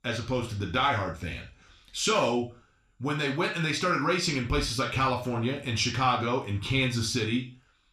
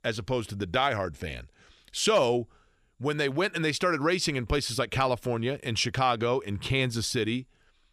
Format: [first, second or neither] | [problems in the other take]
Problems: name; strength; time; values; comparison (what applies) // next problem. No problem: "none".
second | room echo; slight; dies away in 0.3 s // off-mic speech; somewhat distant